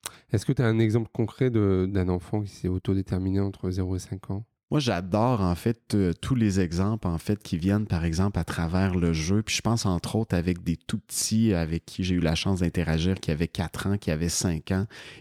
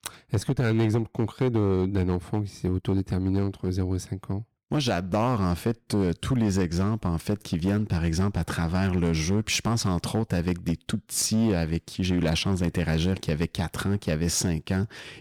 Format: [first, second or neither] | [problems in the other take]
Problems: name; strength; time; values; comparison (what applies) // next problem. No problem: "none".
first | distortion; slight; 8% of the sound clipped